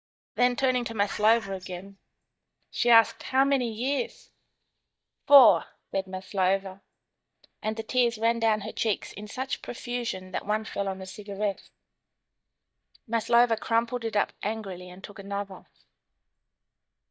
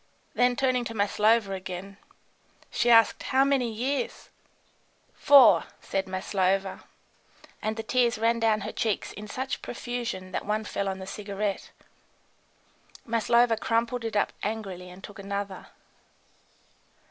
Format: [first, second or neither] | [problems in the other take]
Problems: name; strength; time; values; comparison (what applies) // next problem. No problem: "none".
second | noise reduction (neural mask model DeepFilterNet 3)